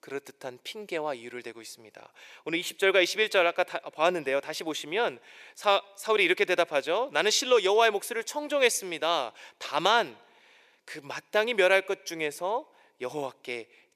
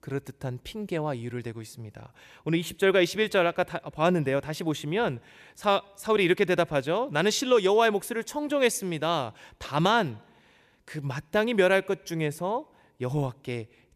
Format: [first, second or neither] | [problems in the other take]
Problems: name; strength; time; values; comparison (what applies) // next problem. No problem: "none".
second | thin; somewhat; fading below 450 Hz